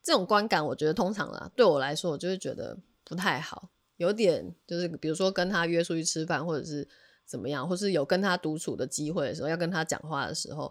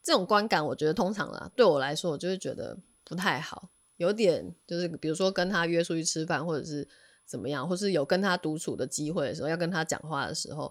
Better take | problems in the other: first | high-pitched whine; faint; throughout; 10 kHz, 35 dB below the speech

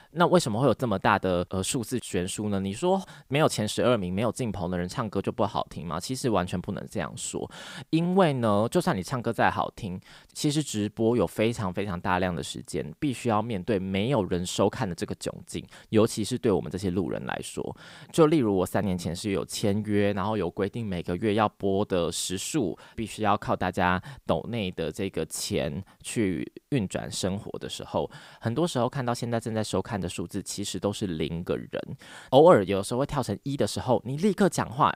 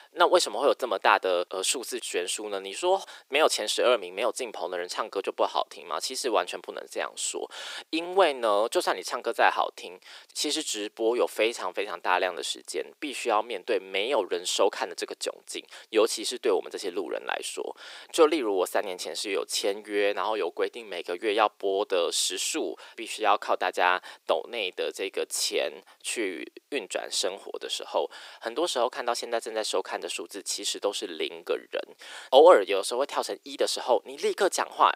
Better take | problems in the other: first | thin; very; fading below 350 Hz

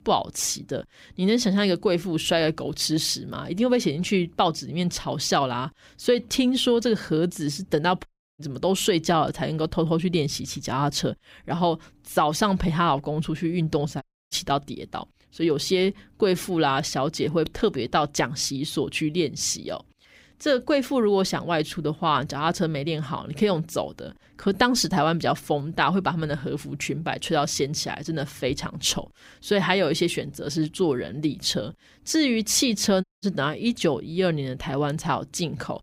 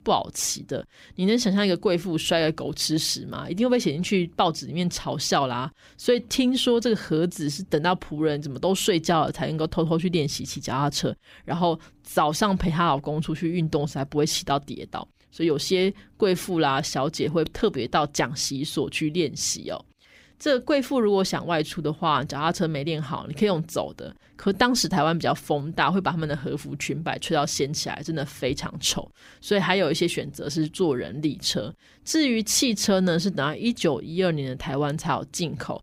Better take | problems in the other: second | audio cutting out; at 8 s, at 14 s and at 33 s

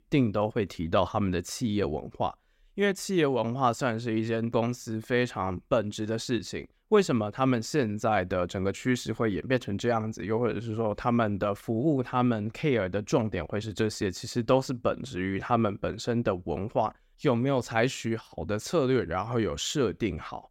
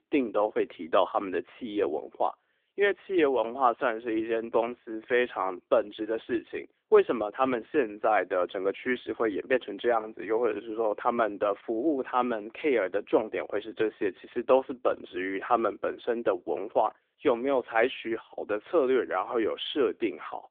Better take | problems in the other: first | phone-call audio; nothing above 3.5 kHz

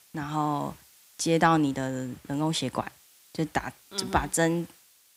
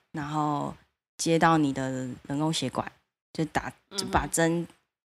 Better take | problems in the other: second | hiss; faint; throughout; 25 dB below the speech

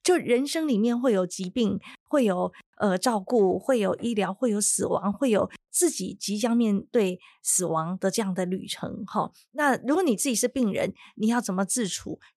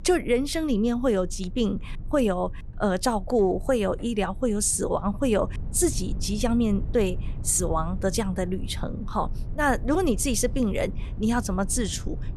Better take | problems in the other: first | low rumble; faint; throughout; 25 dB below the speech

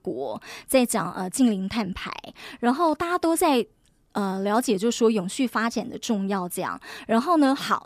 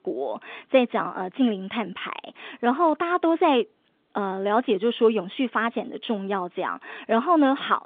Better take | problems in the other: first | phone-call audio; nothing above 3.5 kHz

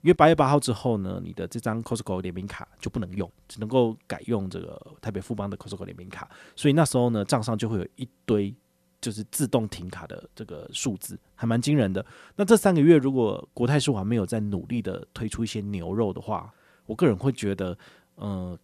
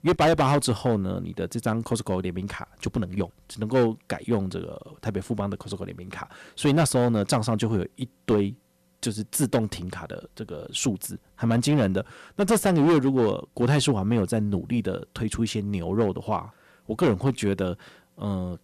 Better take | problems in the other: first | distortion; heavy; 5% of the sound clipped

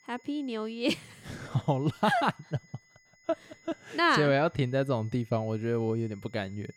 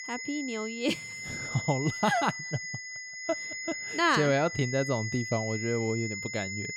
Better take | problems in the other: first | high-pitched whine; loud; throughout; 2 kHz, 6 dB below the speech; faint in the first

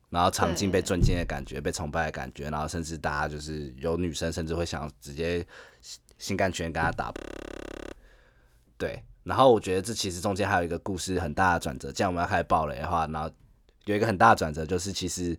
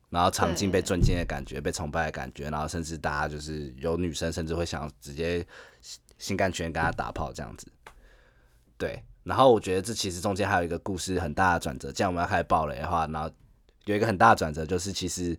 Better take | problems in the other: second | audio freezing; at 7 s for 1 s

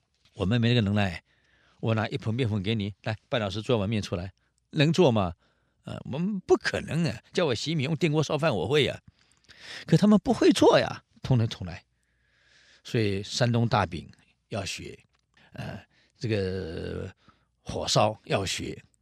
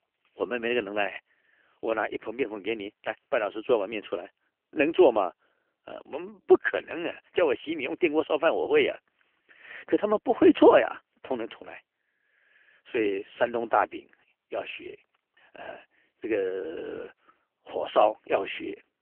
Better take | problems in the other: first | phone-call audio; poor line; nothing above 3 kHz

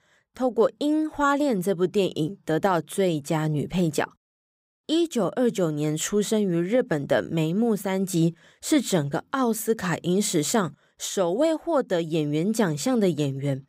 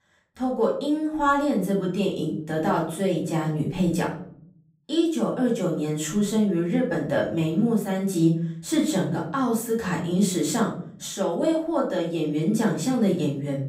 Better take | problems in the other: first | off-mic speech; far // room echo; slight; dies away in 0.6 s

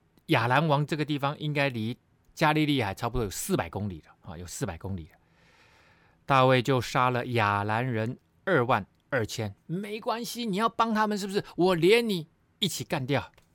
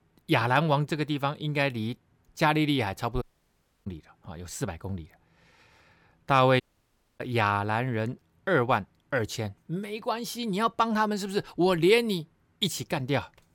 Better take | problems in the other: first | audio cutting out; at 3 s for 0.5 s and at 6.5 s for 0.5 s

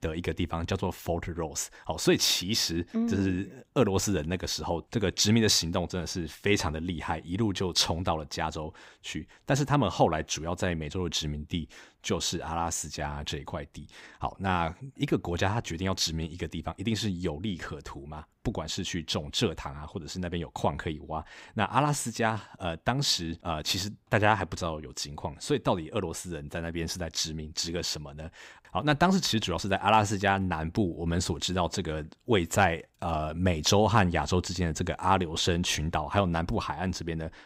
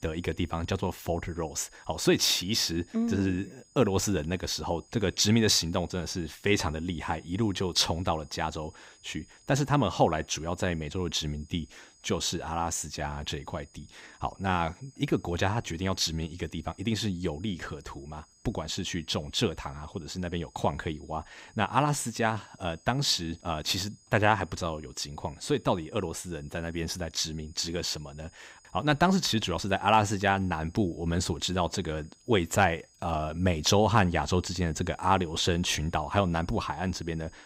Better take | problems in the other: first | high-pitched whine; faint; throughout; 6.5 kHz, 30 dB below the speech

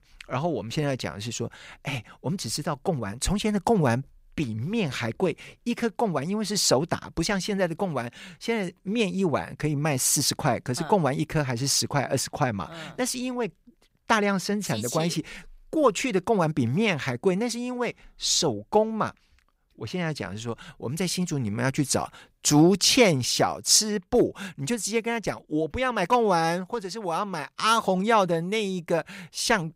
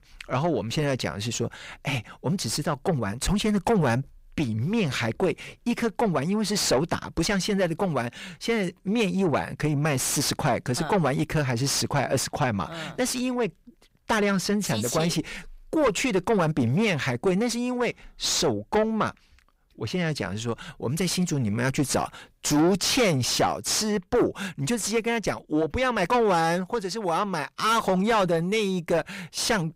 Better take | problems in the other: first | distortion; heavy; 7 dB below the speech

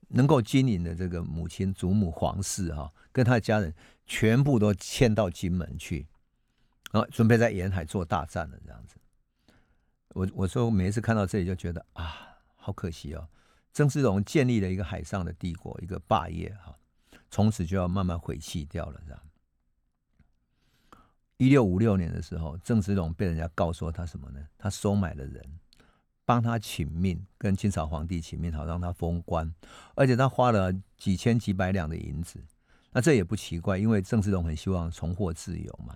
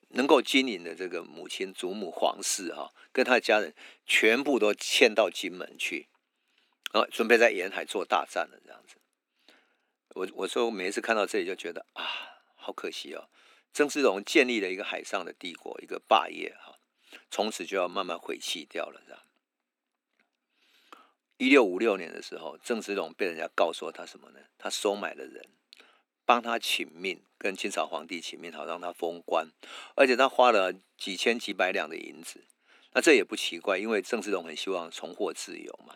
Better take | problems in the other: first | thin; somewhat; fading below 300 Hz

